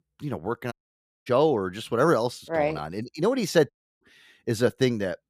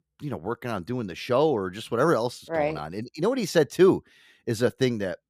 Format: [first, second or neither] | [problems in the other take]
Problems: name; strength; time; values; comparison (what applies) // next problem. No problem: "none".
second | audio cutting out; at 0.5 s for 0.5 s and at 3.5 s